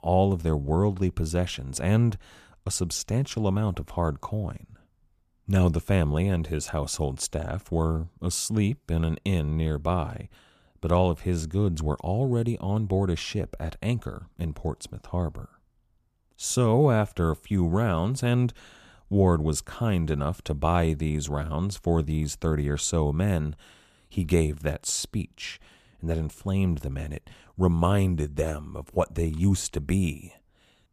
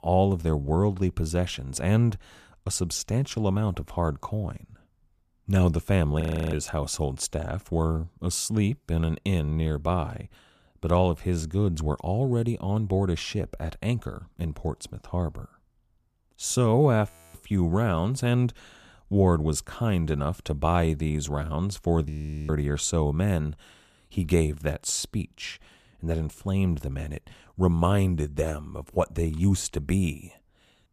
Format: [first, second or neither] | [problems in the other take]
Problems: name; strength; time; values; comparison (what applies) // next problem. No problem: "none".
first | audio freezing; at 6 s, at 17 s and at 22 s